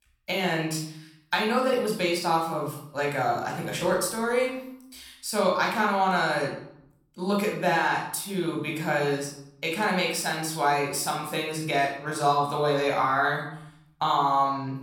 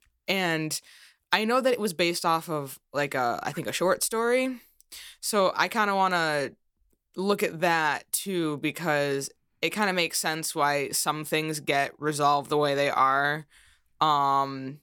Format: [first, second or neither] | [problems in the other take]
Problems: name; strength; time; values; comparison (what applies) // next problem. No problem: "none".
second | off-mic speech; somewhat distant // room echo; noticeable; dies away in 0.6 s